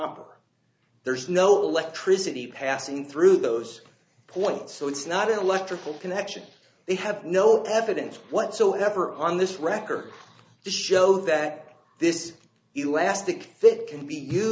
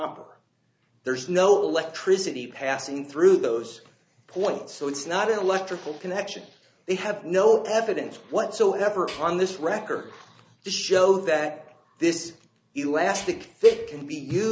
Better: first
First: none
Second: background sound (Tools); 16 dB below the speech

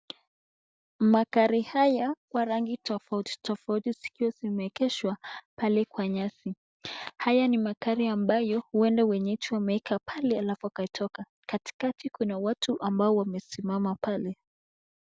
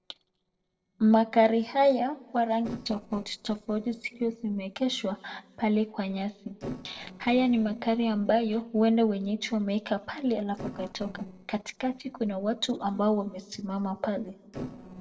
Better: first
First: none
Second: noise reduction (neural separator model SepFormer DNS4)

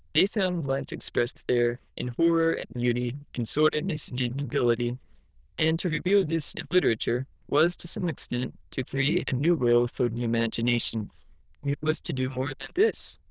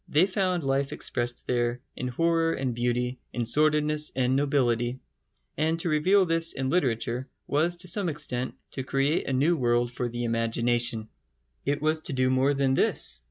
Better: second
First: noise reduction (neural diffusion model UNIVERSE++)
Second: none

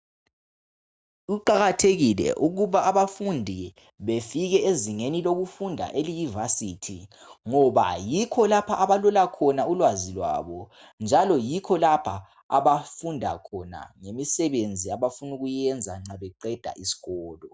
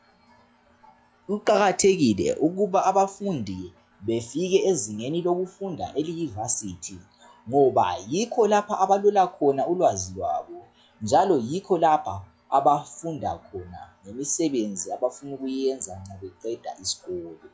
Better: first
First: none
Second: noise reduction (classical method log-MMSE)

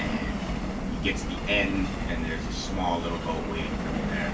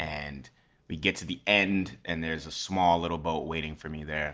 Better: second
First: background sound (Subway, metro, underground); 2 dB above the speech // room echo; dies away in 0.2 s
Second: none

